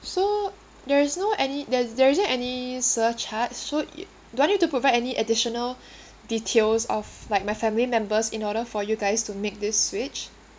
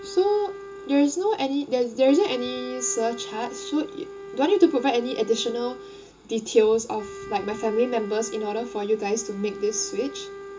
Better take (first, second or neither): first